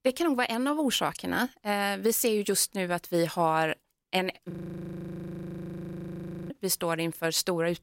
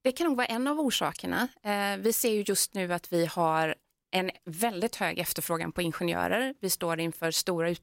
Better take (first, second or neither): second